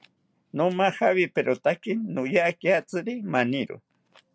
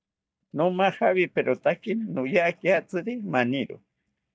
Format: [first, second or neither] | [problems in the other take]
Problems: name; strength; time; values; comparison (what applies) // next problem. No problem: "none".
first | noise reduction (neural mask model DeepFilterNet 3)